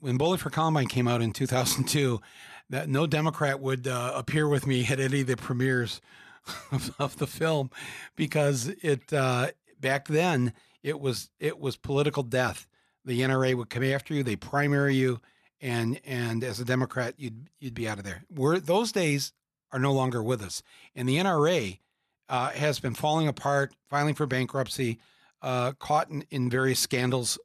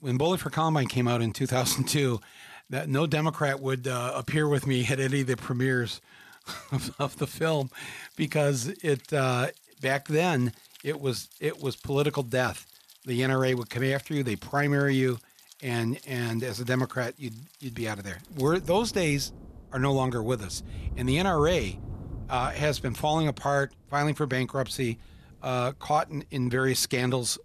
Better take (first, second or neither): first